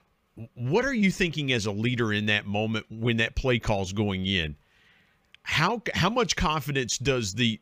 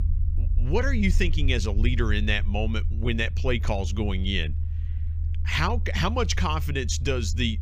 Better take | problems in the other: first | low rumble; noticeable; throughout; 20 dB below the speech

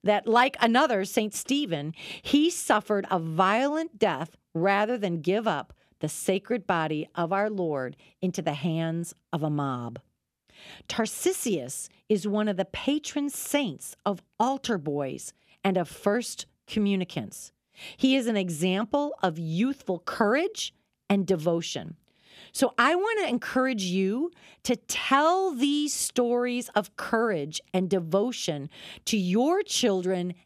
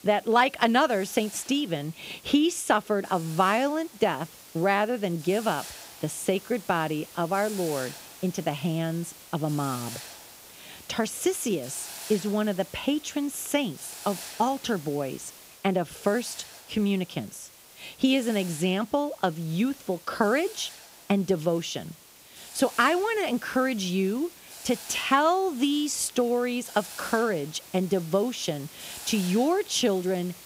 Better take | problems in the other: first | hiss; noticeable; throughout; 15 dB below the speech

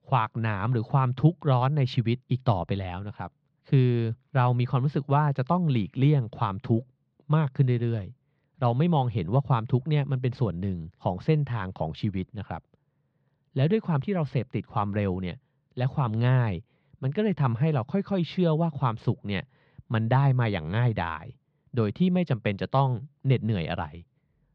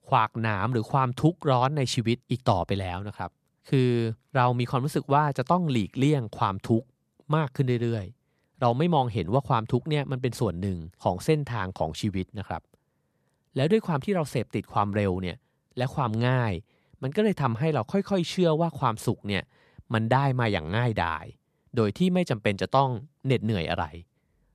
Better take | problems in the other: second | muffled; very slightly; fading above 4 kHz

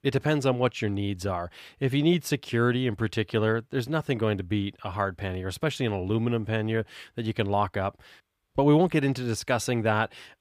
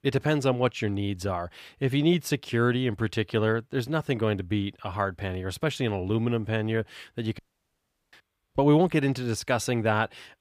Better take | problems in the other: first | audio cutting out; at 7.5 s for 0.5 s

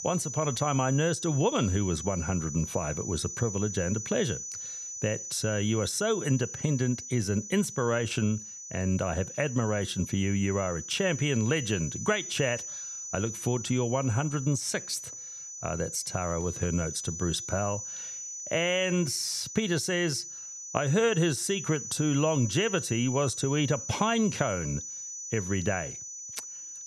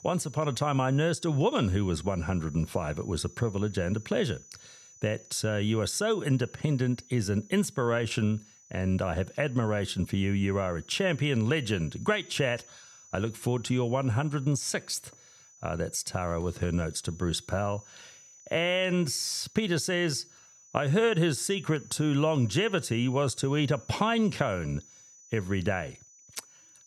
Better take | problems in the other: second | high-pitched whine; loud; throughout; 6 kHz, 8 dB below the speech; faint in the second

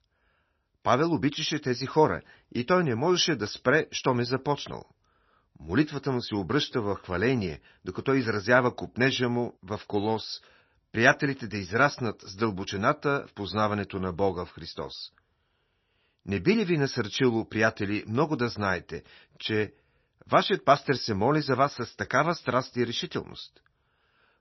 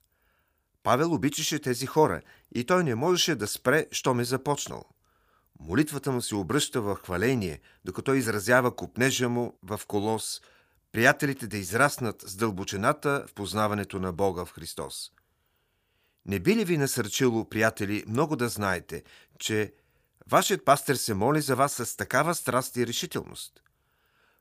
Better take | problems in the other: second | garbled, watery; slightly; nothing above 6 kHz

